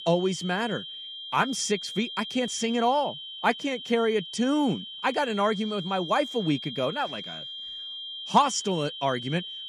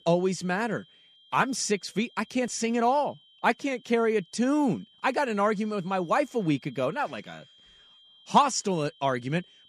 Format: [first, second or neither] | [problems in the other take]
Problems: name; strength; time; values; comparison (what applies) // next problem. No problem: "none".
second | high-pitched whine; loud; throughout; 3 kHz, 9 dB below the speech; faint in the second